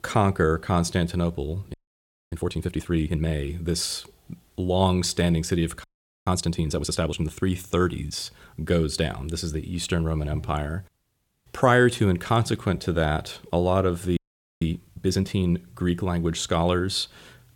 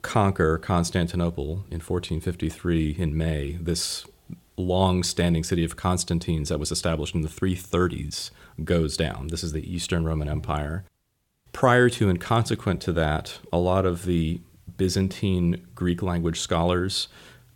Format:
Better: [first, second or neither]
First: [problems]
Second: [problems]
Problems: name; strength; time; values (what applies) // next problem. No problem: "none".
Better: second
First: audio freezing; at 1.5 s for 0.5 s, at 6 s and at 14 s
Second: none